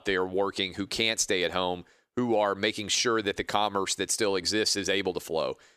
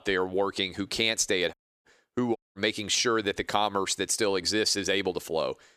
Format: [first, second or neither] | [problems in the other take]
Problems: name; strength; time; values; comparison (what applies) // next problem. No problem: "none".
first | audio cutting out; at 1.5 s and at 2.5 s